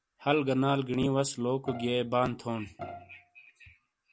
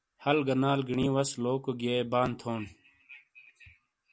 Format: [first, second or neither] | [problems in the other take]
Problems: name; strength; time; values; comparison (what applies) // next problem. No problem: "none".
second | background sound (Bowed string instrument); 16 dB below the speech